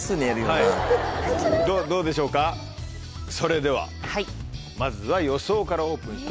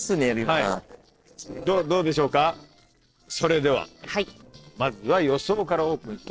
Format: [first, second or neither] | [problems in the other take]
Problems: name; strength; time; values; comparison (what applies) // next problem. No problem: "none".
first | noise reduction (neural separator model SepFormer DNS4)